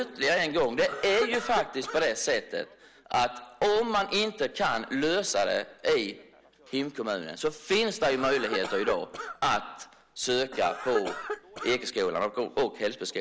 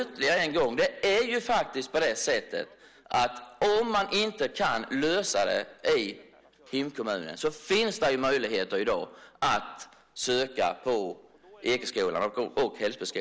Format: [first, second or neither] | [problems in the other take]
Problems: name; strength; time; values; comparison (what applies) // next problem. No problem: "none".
second | background sound (Cough); 8 dB below the speech